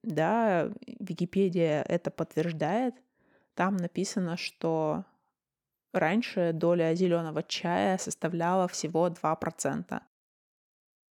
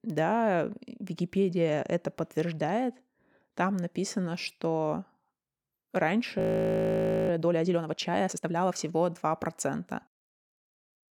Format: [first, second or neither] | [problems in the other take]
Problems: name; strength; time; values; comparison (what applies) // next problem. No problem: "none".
first | audio freezing; at 6.5 s for 1 s